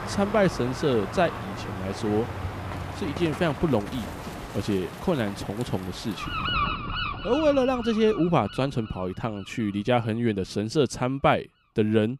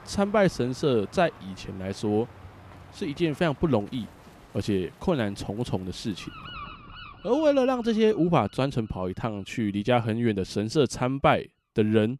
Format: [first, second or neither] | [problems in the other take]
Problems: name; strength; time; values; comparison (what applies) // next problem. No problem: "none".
second | animal sounds; loud; throughout; 8 dB below the speech; faint in the second